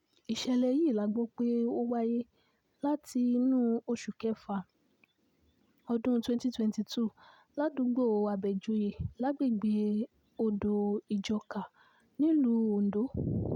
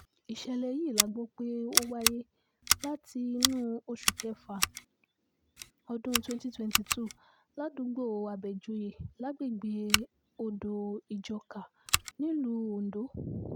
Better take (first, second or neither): first